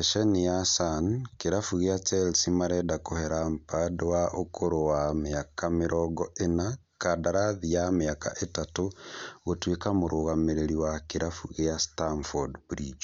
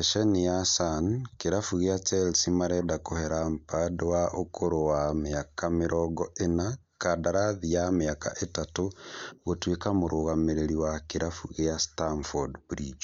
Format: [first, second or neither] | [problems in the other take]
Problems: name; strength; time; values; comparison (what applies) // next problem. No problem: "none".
first | noise reduction (neural mask model Resemble Enhance denoiser)